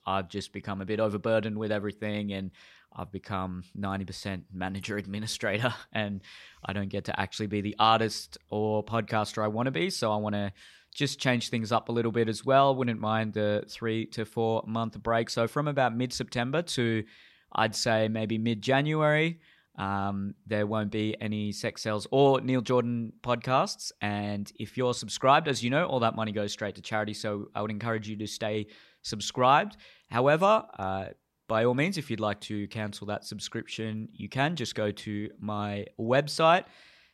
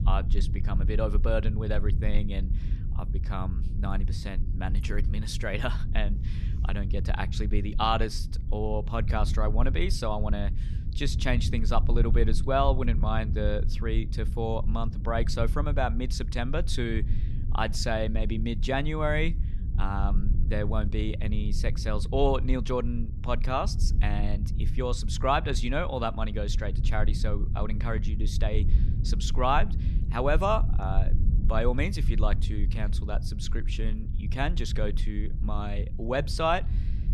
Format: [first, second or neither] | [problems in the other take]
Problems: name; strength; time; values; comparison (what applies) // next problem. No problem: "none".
first | low rumble; noticeable; throughout; 15 dB below the speech